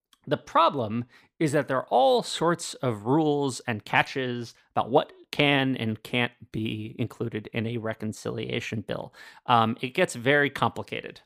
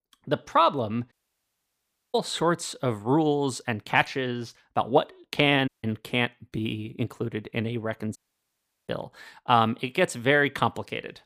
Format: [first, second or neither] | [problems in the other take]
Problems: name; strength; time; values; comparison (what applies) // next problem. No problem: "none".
first | audio cutting out; at 1 s for 1 s, at 5.5 s and at 8 s for 0.5 s